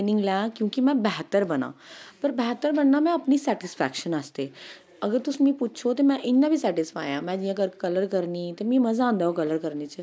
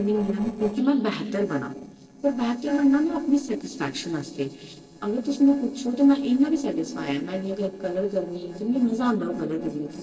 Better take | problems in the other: first | noise reduction (neural separator model SepFormer DNS4)

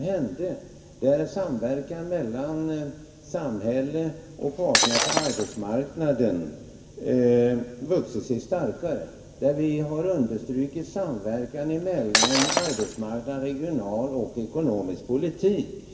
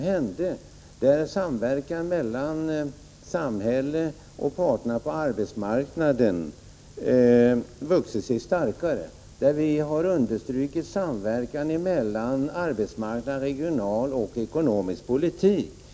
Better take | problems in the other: second | background sound (Shatter); 1 dB above the speech // room echo; dies away in 2.6 s

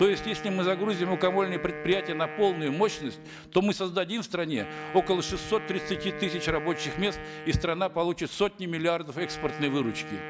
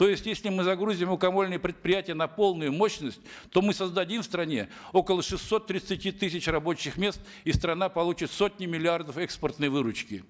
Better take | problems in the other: second | background sound (Wind instrument, woodwind instrument); 11 dB below the speech

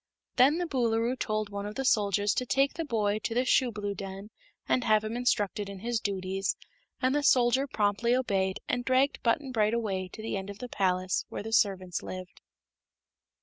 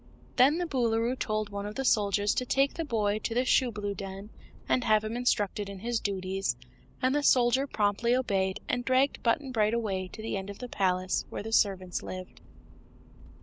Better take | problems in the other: first | background sound (Accelerating, revving, vroom); 19 dB below the speech

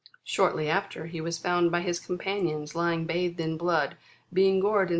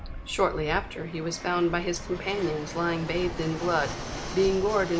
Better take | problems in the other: first | background sound (Fixed-wing aircraft, airplane); 9 dB below the speech

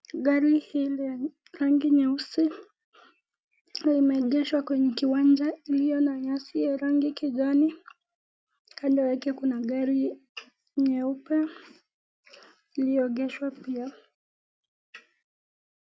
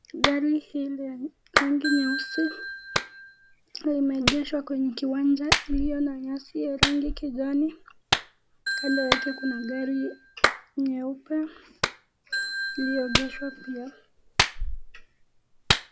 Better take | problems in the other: first | background sound (Ringtone / Bell + Clapping); 1 dB below the speech

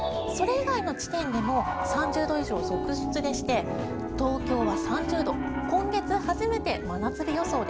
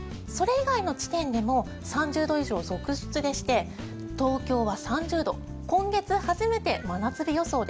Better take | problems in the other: second | background sound (Piano); 3 dB below the speech

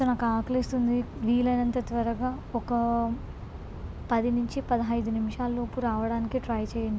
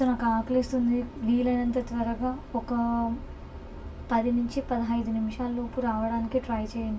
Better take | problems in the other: first | room echo; dies away in 0.2 s

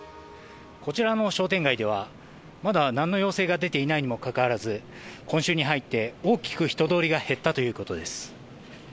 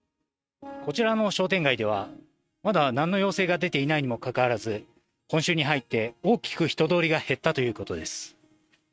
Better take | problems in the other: first | noise reduction (neural mask model RNNoise)

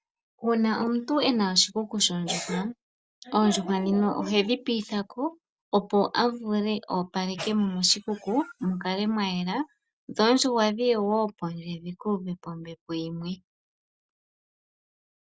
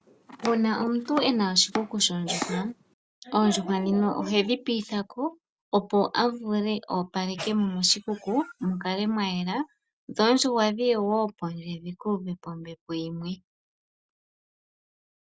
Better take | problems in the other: first | background sound (Domestic sounds, home sounds); 12 dB below the speech

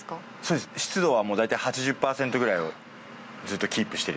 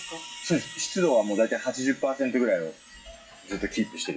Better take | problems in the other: first | noise reduction (classical method WPE with log-MMSE)

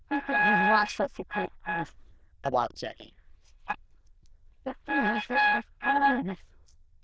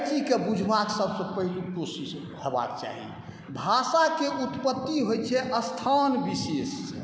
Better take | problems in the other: second | noise reduction (neural diffusion model UNIVERSE++)

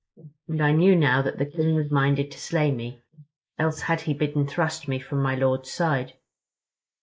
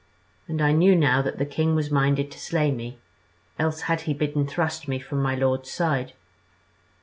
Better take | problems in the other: second | noise reduction (neural mask model Resemble Enhance denoiser)

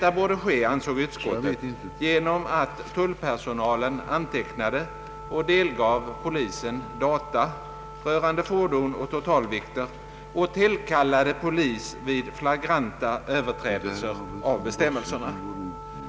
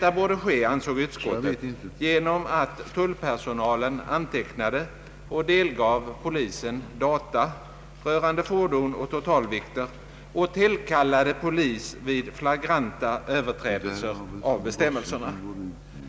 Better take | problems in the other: second | background sound (Wind instrument, woodwind instrument); 16 dB below the speech

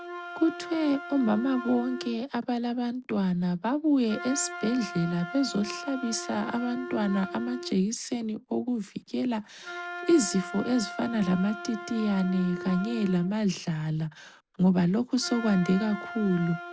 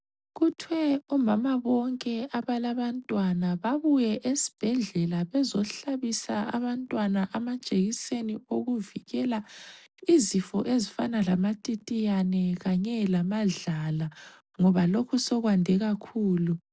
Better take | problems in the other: second | background sound (Wind instrument, woodwind instrument); 12 dB below the speech

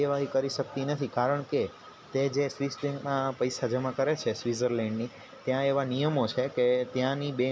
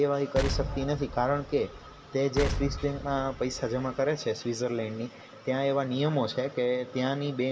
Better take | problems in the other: first | background sound (Explosion); 6 dB below the speech // room echo; dies away in 1.9 s

